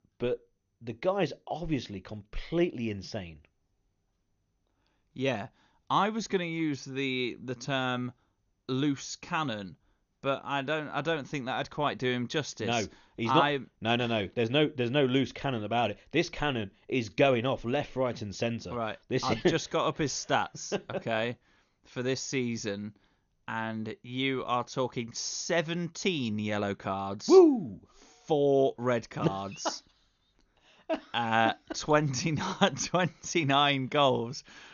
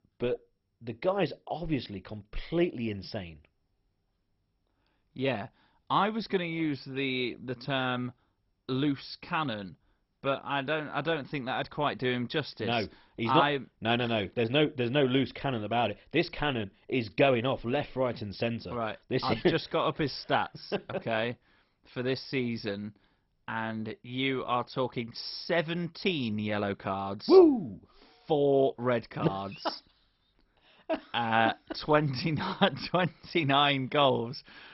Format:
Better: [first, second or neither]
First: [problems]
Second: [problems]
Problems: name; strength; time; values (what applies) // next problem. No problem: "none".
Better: first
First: garbled, watery; slightly; nothing above 6.5 kHz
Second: garbled, watery; badly; nothing above 5.5 kHz